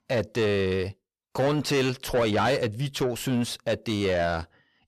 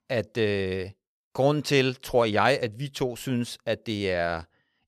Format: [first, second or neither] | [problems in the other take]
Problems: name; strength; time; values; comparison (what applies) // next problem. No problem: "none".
second | distortion; heavy; 7 dB below the speech